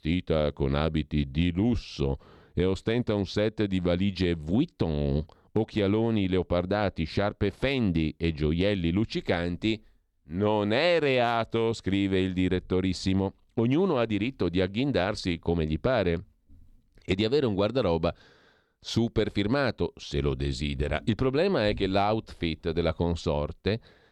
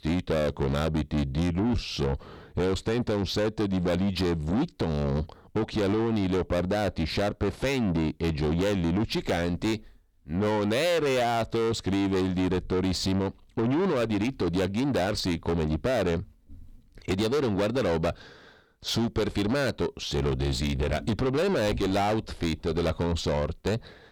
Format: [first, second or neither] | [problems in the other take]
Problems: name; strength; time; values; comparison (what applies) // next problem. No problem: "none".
first | distortion; heavy; 7 dB below the speech